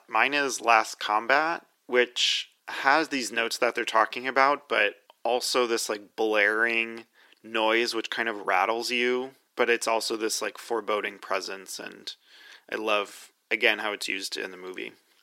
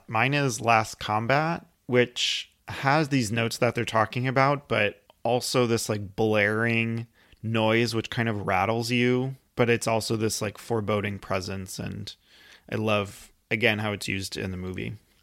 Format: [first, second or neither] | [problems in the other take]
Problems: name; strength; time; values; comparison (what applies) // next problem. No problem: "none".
second | thin; somewhat; fading below 300 Hz